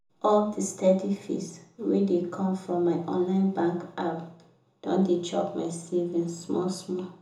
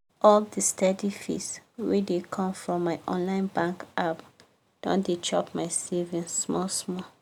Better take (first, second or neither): second